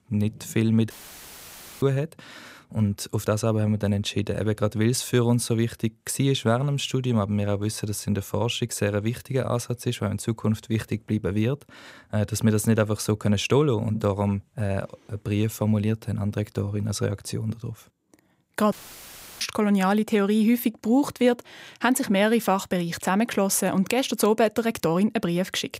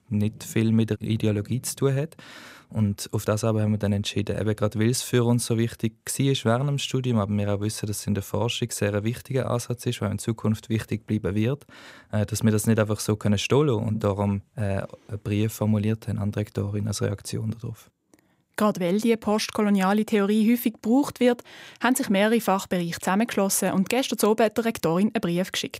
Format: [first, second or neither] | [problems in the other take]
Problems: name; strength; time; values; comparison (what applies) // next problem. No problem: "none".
second | audio cutting out; filled with static; at 1 s for 1 s and at 19 s for 0.5 s